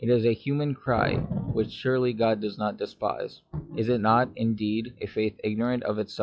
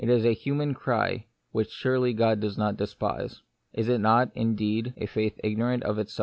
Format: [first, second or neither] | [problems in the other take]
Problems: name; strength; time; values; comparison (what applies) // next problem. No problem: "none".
second | noise reduction (classical method log-MMSE)